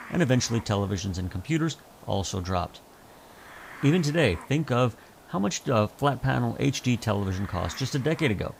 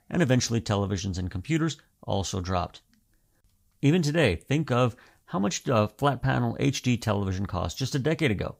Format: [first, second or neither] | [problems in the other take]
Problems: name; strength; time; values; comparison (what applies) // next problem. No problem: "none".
second | hiss; noticeable; throughout; 20 dB below the speech